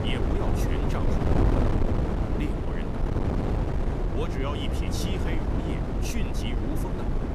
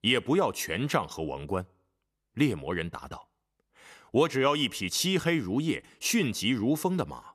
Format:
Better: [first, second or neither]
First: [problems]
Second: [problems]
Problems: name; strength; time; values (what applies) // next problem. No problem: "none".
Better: second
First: wind noise on the microphone; heavy; 4 dB above the speech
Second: none